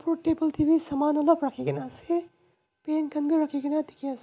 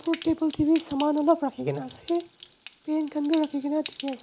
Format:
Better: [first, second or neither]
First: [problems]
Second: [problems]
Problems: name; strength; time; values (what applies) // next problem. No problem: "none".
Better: first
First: none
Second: background sound (Stream); 19 dB below the speech